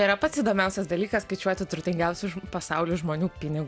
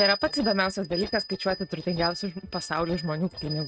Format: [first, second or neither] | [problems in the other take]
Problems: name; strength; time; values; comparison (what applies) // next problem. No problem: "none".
first | noise reduction (neural mask model RNNoise)